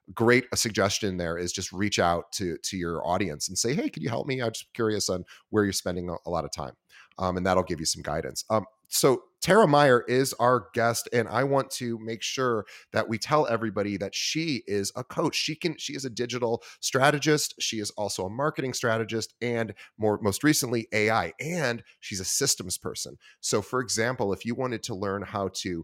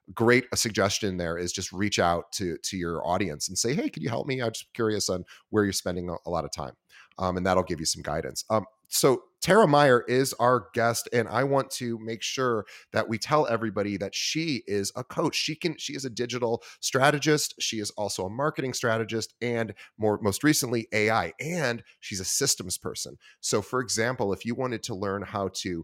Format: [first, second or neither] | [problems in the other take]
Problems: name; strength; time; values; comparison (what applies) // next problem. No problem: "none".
neither | none